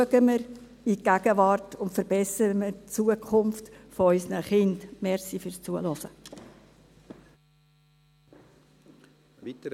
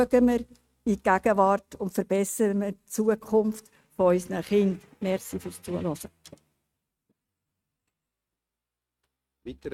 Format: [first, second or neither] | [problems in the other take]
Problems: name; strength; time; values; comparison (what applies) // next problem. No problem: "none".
first | noise reduction (neural mask model RNNoise)